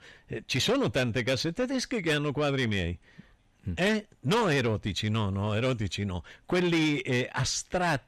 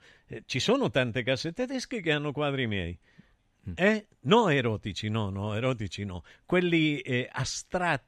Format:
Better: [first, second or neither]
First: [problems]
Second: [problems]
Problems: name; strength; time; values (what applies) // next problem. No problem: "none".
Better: second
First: distortion; heavy; 7 dB below the speech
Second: none